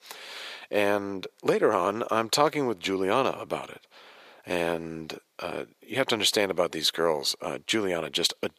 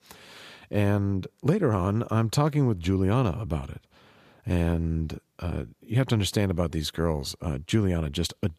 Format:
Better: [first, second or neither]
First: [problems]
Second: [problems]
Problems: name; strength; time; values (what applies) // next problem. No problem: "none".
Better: second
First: thin; very; fading below 500 Hz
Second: none